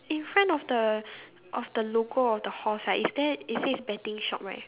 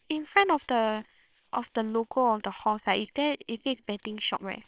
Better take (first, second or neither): first